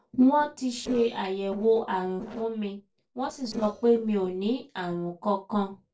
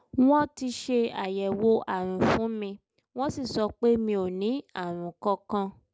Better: second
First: noise reduction (neural separator model SepFormer DNS4)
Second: none

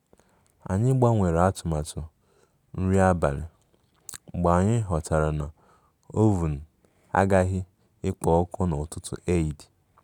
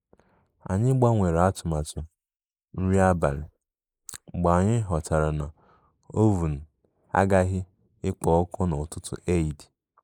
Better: first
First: none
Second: noise reduction (neural mask model Resemble Enhance denoiser)

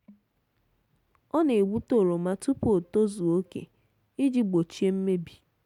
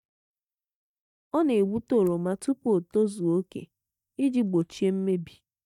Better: first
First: none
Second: noise reduction (neural mask model DeepFilterNet 3)

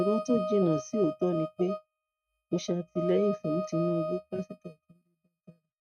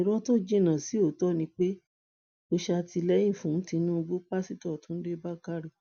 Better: second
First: noise reduction (neural mask model RNNoise)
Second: none

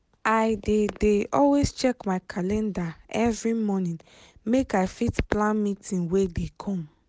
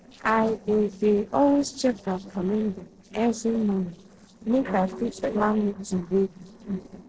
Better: first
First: none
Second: noise reduction (neural separator model SepFormer DNS4)

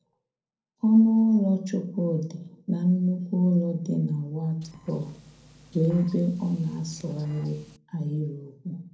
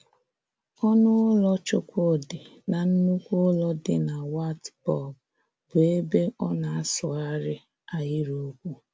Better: second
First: noise reduction (neural separator model SepFormer DNS4)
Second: none

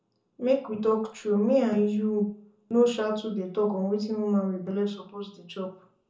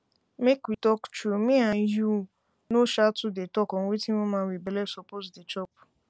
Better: second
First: room echo; dies away in 0.6 s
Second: none

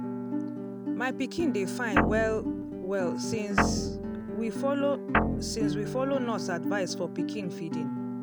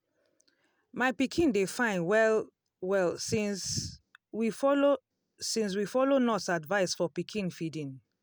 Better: second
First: background sound (Guitar + Guitar); 2 dB above the speech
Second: none

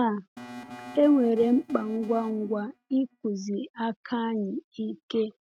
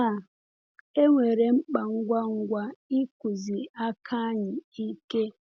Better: second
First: noise reduction (neural mask model RNNoise)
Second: none

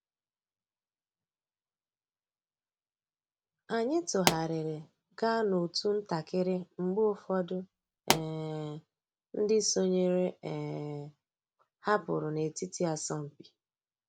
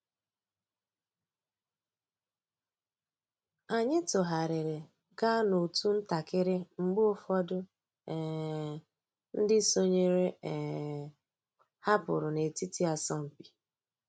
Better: second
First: background sound (Explosion); 1 dB below the speech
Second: none

